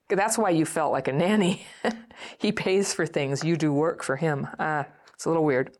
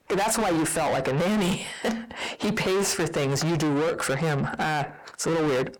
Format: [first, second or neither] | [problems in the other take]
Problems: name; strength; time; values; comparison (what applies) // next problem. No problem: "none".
first | distortion; heavy; 6 dB below the speech